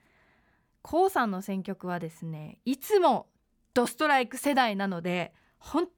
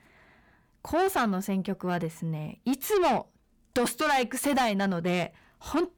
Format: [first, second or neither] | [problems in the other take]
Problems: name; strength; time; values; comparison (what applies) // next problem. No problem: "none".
first | distortion; heavy; 8 dB below the speech